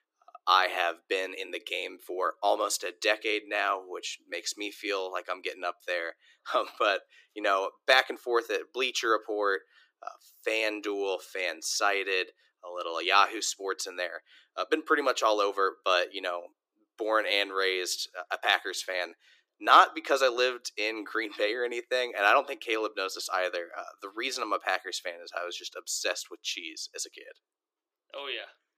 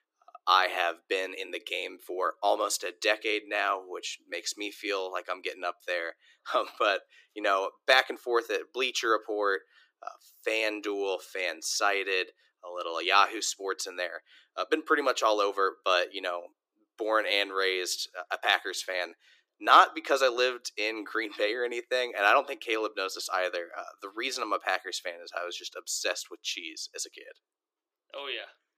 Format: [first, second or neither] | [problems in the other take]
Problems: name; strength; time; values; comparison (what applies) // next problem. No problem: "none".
neither | thin; very; fading below 300 Hz; the same in both